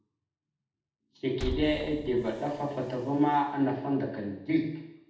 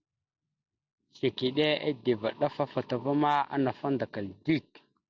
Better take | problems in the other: second | background sound (Liquid); 12 dB below the speech // room echo; dies away in 0.8 s

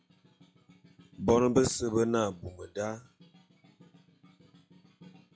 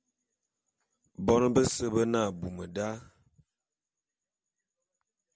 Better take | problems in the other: second | noise reduction (classical method log-MMSE)

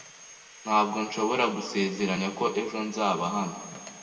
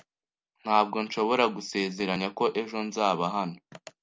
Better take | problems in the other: second | background sound (Sawing); 19 dB below the speech // room echo; dies away in 1.7 s

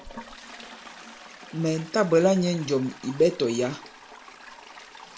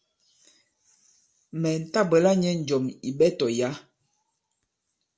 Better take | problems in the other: second | background sound (Toilet flush); 18 dB below the speech

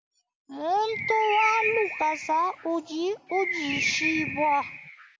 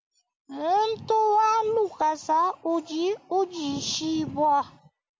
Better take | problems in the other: second | background sound (Bird); 4 dB below the speech

